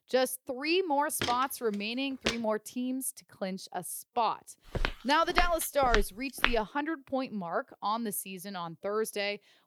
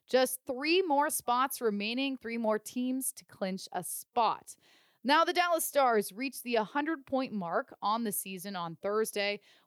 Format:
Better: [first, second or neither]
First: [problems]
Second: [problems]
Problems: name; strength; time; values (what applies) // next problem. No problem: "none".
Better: second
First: footsteps; noticeable; from 1 to 2.5 s; peak 2 dB below the speech // footsteps; loud; from 5 to 6.5 s; peak 1 dB above the speech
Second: none